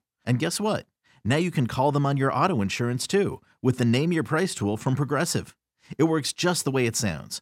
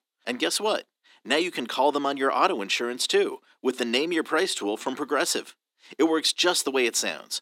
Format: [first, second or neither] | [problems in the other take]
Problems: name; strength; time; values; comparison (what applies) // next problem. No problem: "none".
first | thin; somewhat; fading below 300 Hz